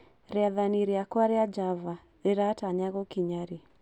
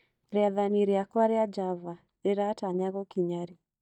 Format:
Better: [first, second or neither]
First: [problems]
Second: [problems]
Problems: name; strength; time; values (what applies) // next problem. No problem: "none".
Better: first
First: none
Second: noise reduction (neural mask model DeepFilterNet 3)